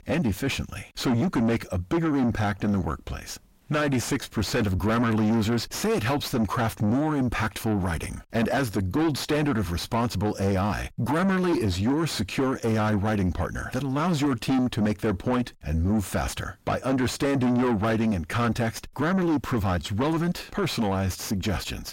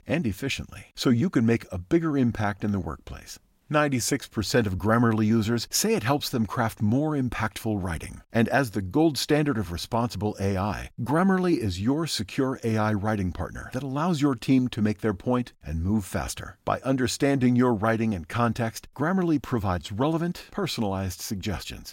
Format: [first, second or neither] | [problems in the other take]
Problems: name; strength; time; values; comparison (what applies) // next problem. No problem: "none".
second | distortion; heavy; 6 dB below the speech